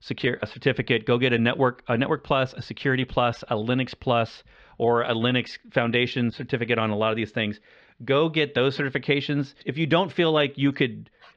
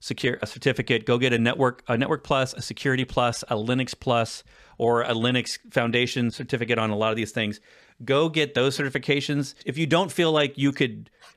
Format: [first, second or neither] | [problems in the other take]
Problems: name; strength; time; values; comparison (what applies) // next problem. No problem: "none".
second | muffled; slightly; fading above 4 kHz